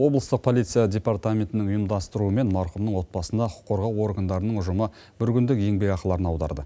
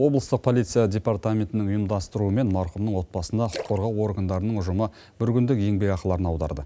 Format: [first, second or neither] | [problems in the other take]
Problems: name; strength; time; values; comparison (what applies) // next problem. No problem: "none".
first | noise reduction (neural mask model Resemble Enhance denoiser)